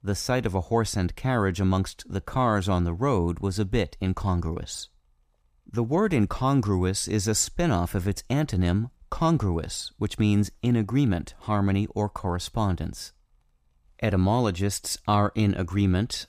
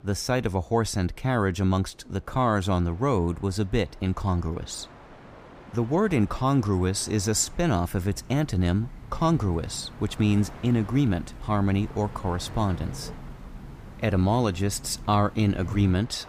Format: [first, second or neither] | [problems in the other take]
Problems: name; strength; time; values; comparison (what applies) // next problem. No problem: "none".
first | train or aircraft noise; noticeable; throughout; 15 dB below the speech